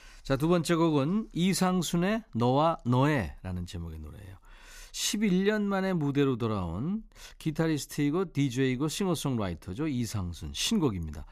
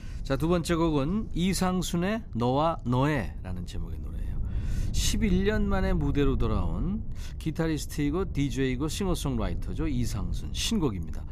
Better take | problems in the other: first | wind noise on the microphone; occasional gusts; 20 dB below the speech

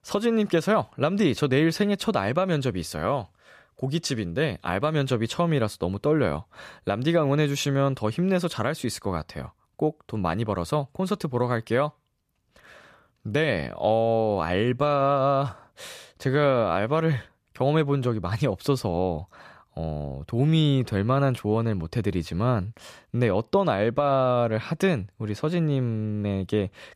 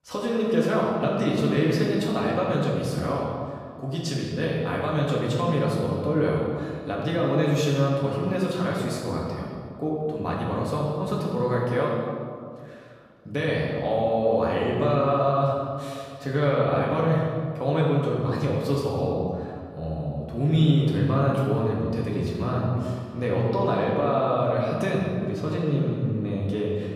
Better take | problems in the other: first | room echo; noticeable; dies away in 1.8 s // off-mic speech; far

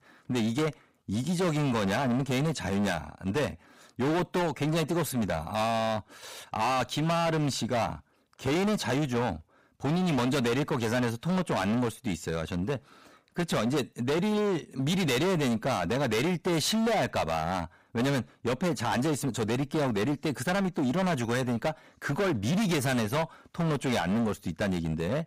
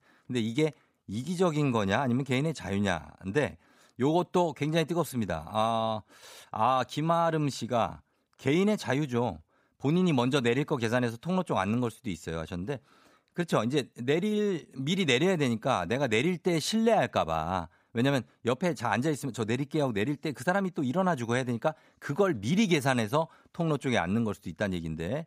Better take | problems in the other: second | distortion; heavy; 25% of the sound clipped

